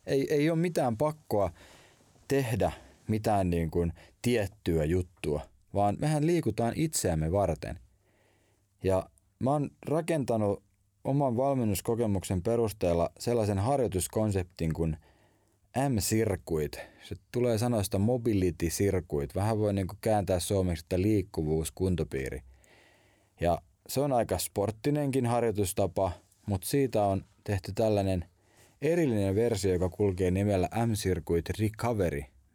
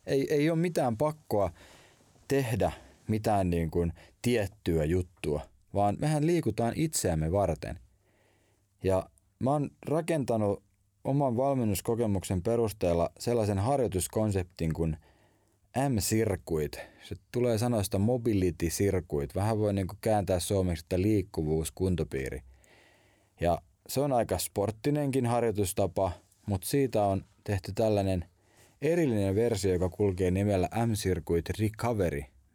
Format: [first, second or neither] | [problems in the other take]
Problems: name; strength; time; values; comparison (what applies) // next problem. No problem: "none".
neither | none